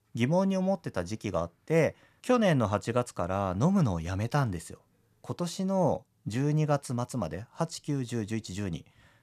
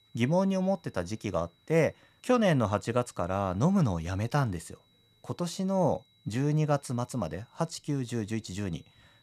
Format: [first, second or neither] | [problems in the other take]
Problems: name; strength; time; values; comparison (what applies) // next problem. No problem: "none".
first | high-pitched whine; faint; throughout; 4 kHz, 35 dB below the speech